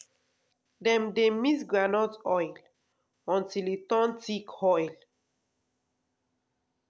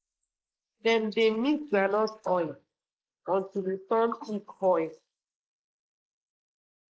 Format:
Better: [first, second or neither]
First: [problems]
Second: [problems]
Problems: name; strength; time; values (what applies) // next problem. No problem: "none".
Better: first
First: none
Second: noise reduction (neural mask model Resemble Enhance denoiser)